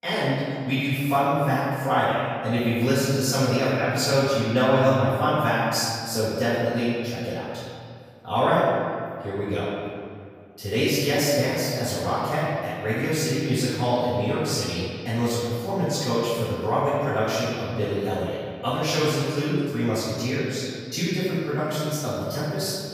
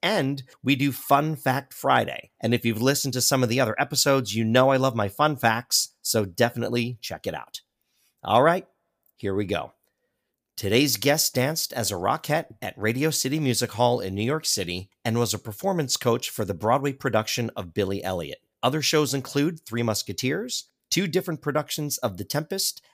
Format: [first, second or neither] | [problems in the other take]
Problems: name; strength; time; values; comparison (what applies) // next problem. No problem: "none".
second | off-mic speech; far // room echo; strong; dies away in 2.1 s